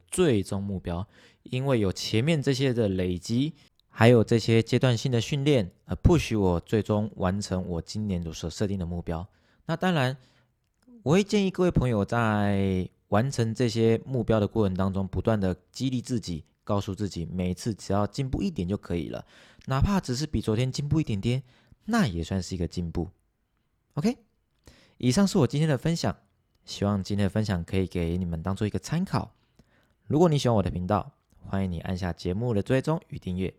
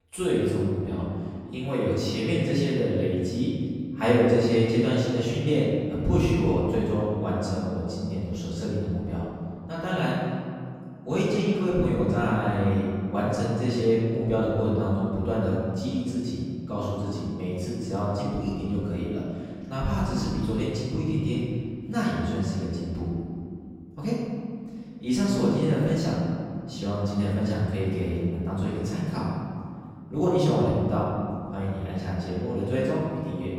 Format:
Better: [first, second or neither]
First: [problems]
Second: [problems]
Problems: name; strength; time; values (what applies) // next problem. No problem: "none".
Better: first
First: none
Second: room echo; strong; dies away in 2.2 s // off-mic speech; far